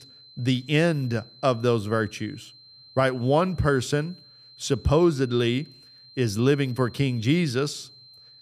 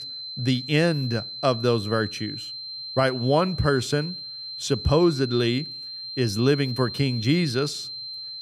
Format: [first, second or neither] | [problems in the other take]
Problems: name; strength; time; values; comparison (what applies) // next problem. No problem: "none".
first | high-pitched whine; loud; throughout; 4 kHz, 9 dB below the speech; faint in the first